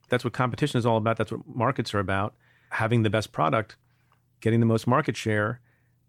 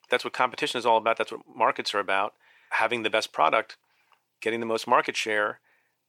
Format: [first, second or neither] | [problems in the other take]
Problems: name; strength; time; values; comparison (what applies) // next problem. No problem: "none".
first | thin; very; fading below 500 Hz